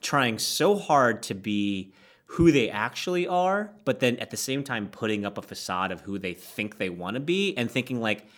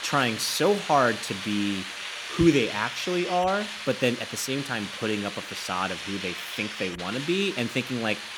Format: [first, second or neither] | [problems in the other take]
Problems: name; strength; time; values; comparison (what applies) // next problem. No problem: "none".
first | hiss; loud; throughout; 7 dB below the speech